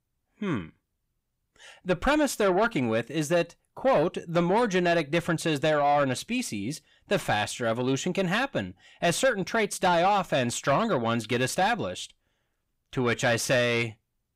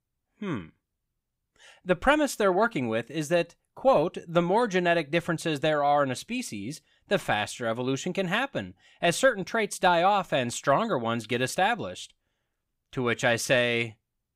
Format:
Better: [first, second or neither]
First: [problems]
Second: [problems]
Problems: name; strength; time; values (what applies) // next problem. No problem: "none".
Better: second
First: distortion; slight; 10 dB below the speech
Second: none